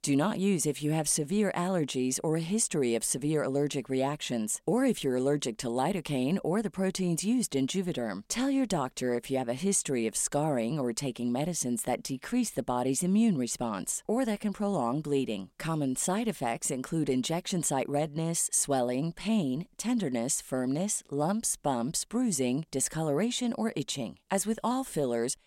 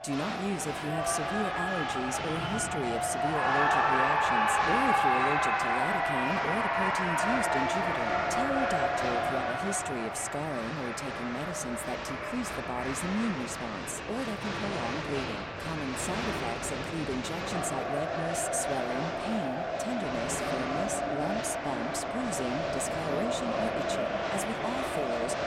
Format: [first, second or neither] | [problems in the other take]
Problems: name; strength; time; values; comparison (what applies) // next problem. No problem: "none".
first | crowd noise; very loud; throughout; 5 dB above the speech